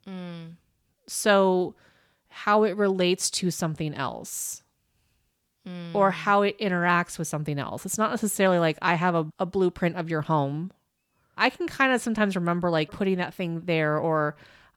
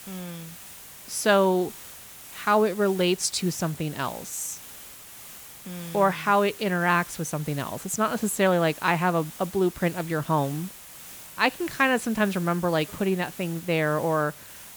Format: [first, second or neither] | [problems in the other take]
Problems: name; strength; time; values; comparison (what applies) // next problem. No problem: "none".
first | hiss; noticeable; throughout; 15 dB below the speech